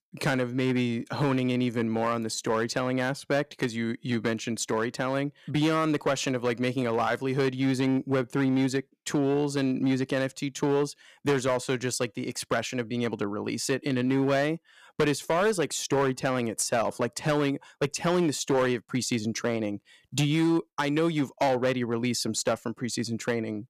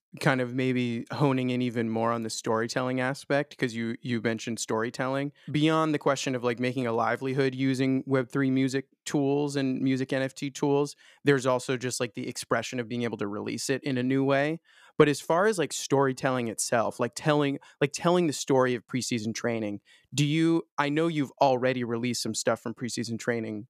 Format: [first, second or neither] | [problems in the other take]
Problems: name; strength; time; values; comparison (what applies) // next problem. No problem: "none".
second | distortion; slight; 6% of the sound clipped